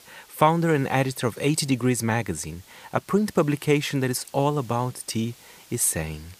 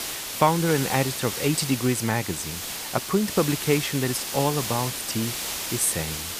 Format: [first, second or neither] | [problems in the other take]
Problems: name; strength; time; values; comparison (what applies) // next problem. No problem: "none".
first | hiss; loud; throughout; 4 dB below the speech; faint in the first